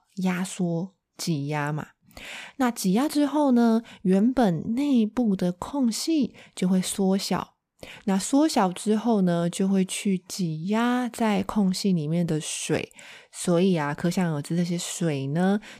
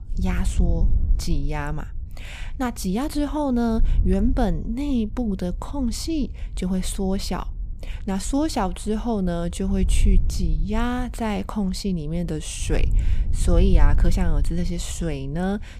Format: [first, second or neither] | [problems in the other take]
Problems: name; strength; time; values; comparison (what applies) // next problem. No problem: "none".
first | wind noise on the microphone; occasional gusts; 20 dB below the speech